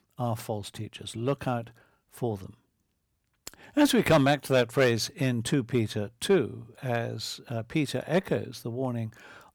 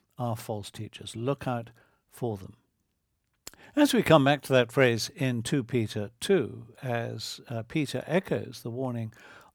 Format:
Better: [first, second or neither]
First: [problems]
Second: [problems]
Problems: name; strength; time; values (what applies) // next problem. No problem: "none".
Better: second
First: distortion; slight; 1.2% of the sound clipped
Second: none